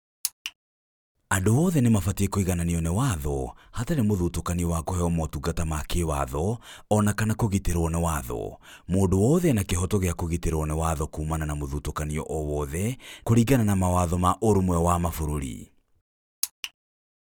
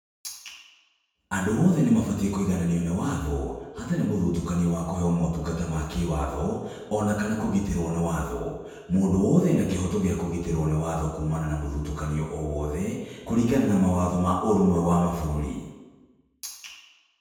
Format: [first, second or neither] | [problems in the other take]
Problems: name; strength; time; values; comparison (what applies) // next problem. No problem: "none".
first | room echo; dies away in 1.1 s